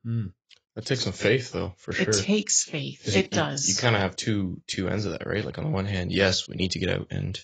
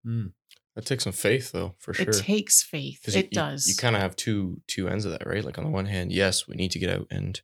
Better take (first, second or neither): second